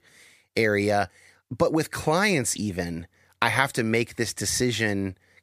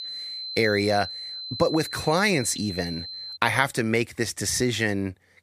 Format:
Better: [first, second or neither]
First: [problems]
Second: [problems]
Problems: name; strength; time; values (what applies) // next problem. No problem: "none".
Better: first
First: none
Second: high-pitched whine; loud; until 3.5 s; 4 kHz, 8 dB below the speech